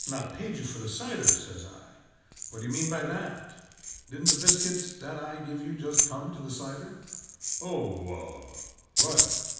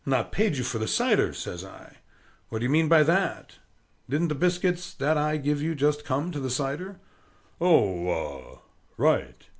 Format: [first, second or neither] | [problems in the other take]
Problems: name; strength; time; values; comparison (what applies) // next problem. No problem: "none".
second | background sound (Rattle (instrument)); 5 dB above the speech // room echo; dies away in 1.1 s